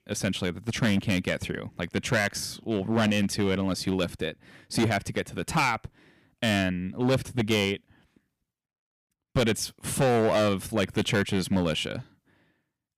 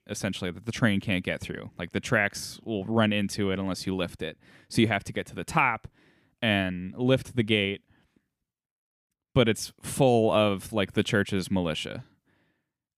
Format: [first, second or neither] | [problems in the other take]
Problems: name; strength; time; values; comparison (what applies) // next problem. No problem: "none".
second | distortion; heavy; 7% of the sound clipped